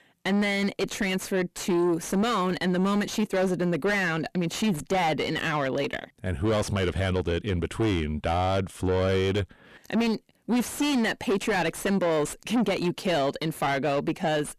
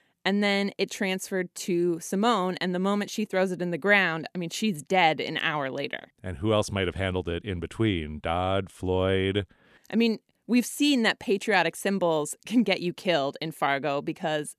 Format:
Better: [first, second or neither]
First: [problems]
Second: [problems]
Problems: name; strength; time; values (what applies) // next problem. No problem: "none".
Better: second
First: distortion; heavy; 5 dB below the speech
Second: none